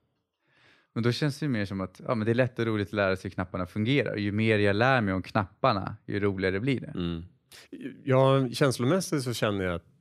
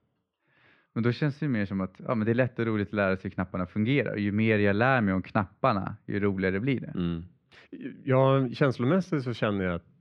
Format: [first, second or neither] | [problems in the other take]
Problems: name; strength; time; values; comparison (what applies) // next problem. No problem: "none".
first | muffled; slightly; fading above 2.5 kHz